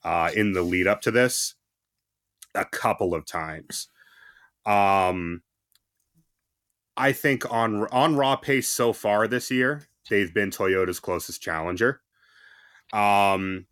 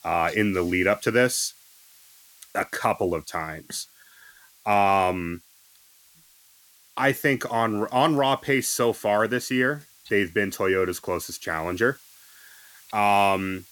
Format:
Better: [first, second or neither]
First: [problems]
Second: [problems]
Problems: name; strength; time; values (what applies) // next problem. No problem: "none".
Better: first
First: none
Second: hiss; faint; throughout; 25 dB below the speech